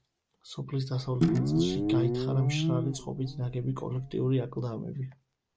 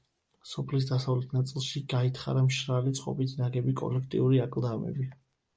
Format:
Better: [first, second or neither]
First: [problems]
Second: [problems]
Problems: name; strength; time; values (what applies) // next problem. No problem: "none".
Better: second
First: background sound (Guitar); 2 dB above the speech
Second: none